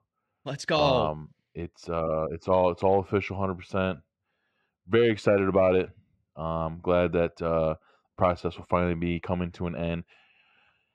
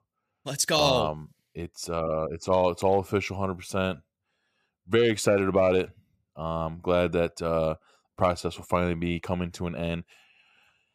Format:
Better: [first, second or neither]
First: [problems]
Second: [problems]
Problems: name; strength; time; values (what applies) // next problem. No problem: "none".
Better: second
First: muffled; slightly; fading above 3 kHz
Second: none